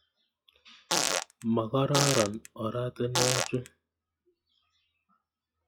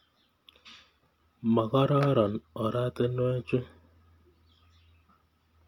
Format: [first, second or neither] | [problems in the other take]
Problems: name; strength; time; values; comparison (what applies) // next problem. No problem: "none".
second | noise reduction (classical method log-MMSE)